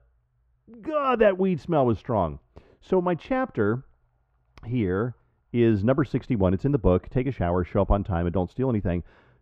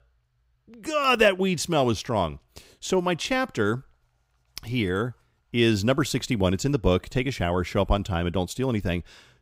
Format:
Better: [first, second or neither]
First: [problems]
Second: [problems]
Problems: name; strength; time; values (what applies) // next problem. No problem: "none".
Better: second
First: muffled; very; fading above 3.5 kHz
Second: none